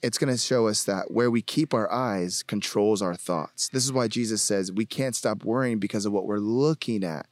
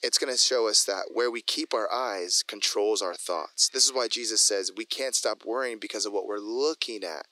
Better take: first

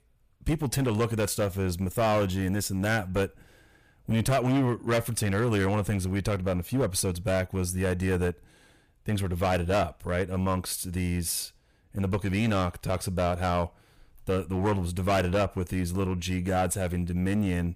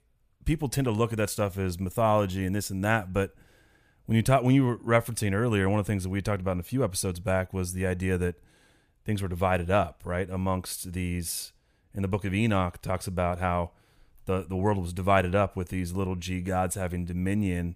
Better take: second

